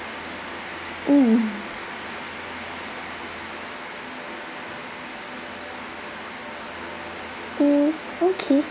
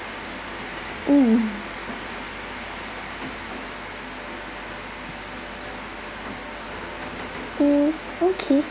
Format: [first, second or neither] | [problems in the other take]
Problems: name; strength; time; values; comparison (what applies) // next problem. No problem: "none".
first | background sound (Rain); 16 dB below the speech